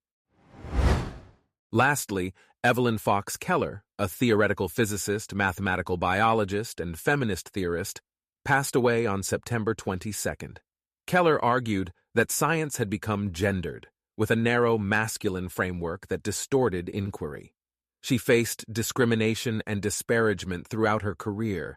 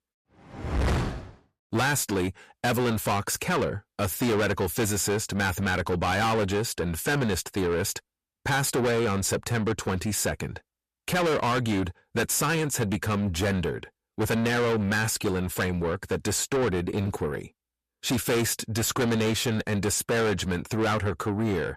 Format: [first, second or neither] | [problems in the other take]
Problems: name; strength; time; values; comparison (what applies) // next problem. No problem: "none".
first | distortion; heavy; 6 dB below the speech